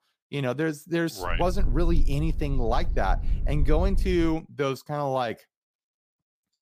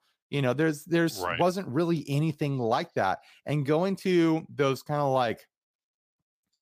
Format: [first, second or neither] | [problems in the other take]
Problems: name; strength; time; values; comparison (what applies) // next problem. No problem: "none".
second | low rumble; faint; from 1.5 to 4.5 s; 20 dB below the speech